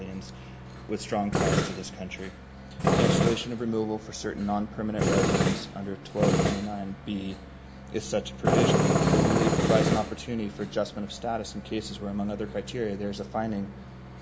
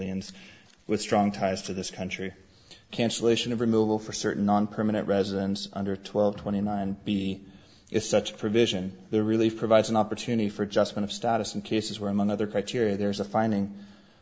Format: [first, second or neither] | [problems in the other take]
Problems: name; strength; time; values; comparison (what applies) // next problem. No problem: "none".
second | background sound (Tools); 3 dB above the speech